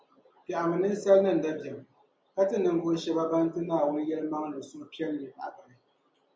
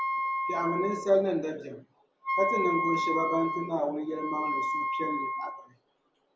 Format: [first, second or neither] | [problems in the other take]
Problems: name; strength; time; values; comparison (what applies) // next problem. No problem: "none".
first | background sound (Wind instrument, woodwind instrument); 1 dB below the speech